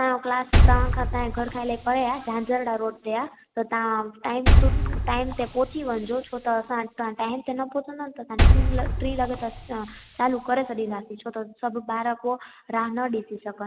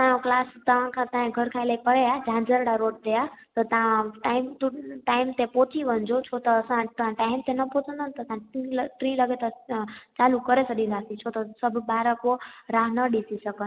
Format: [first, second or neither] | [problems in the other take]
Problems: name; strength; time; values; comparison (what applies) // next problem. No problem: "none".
second | background sound (Liquid); 4 dB above the speech